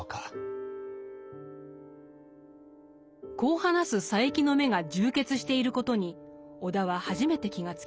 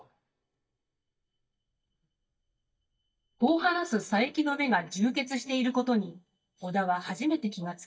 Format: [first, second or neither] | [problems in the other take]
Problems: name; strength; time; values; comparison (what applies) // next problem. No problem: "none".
first | noise reduction (neural mask model DeepFilterNet 3)